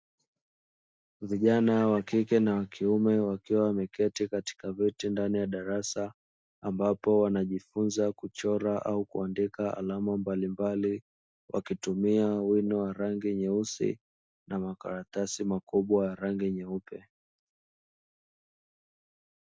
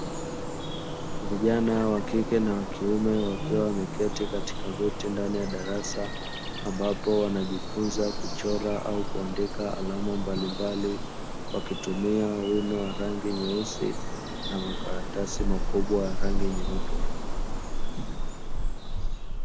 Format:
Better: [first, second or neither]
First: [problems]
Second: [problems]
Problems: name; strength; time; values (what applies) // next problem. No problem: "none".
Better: first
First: none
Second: background sound (Bird vocalization, bird call, bird song); 1 dB above the speech